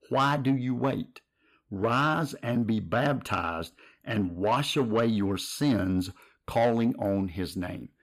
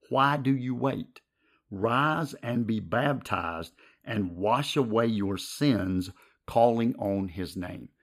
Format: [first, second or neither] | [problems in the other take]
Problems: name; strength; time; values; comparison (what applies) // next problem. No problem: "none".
second | distortion; slight; 10 dB below the speech